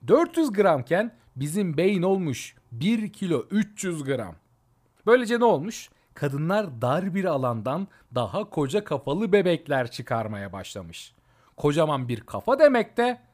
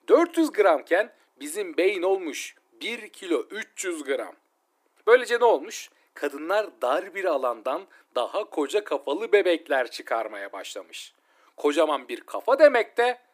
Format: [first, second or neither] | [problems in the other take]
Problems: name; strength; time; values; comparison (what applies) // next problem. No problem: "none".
first | thin; somewhat; fading below 300 Hz